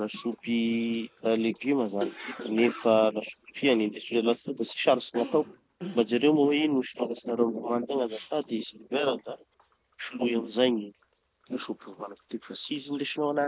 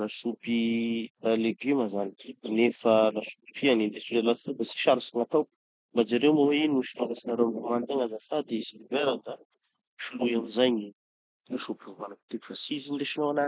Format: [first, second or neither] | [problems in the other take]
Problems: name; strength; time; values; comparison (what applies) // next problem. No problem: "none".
second | background sound (Cough); 18 dB below the speech